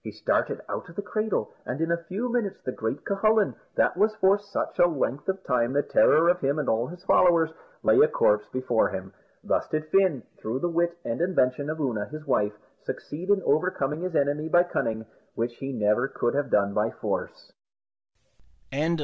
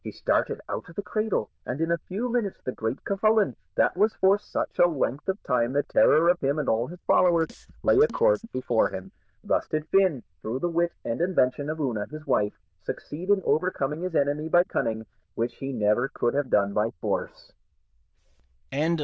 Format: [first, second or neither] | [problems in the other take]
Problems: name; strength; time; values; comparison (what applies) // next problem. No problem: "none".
first | noise reduction (neural diffusion model UNIVERSE++)